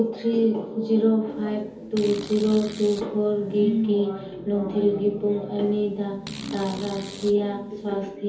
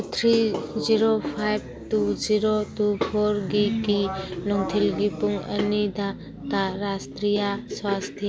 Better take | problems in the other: second | background sound (Fart); 17 dB below the speech // room echo; dies away in 0.6 s

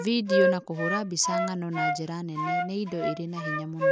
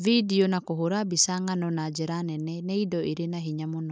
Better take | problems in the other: second | background sound (Wind instrument, woodwind instrument); 1 dB above the speech

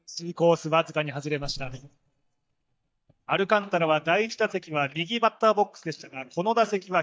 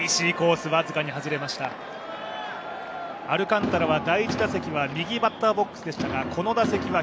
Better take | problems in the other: second | noise reduction (neural mask model DeepFilterNet 3)

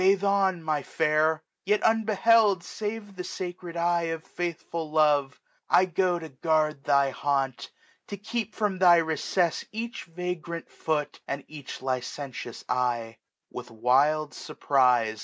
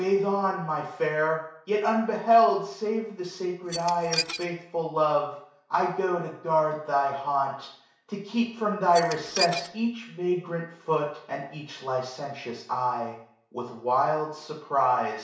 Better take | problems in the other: first | background sound (Dishes, pots, and pans / Glass); 6 dB below the speech // room echo; dies away in 0.6 s

